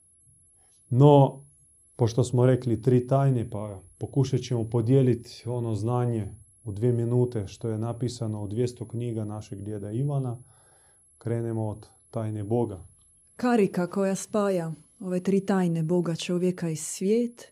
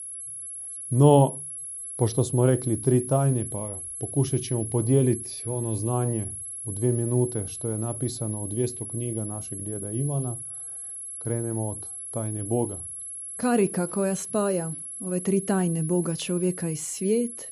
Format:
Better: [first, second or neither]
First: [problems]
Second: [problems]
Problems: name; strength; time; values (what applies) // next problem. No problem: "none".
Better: first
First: high-pitched whine; faint; throughout; 11 kHz, 30 dB below the speech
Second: high-pitched whine; loud; throughout; 11 kHz, 8 dB below the speech